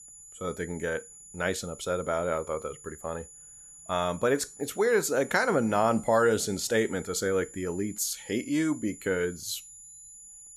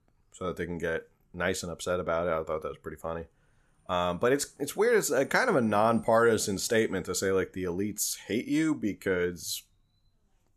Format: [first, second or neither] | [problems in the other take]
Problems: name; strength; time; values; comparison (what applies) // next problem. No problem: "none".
second | high-pitched whine; noticeable; throughout; 7 kHz, 15 dB below the speech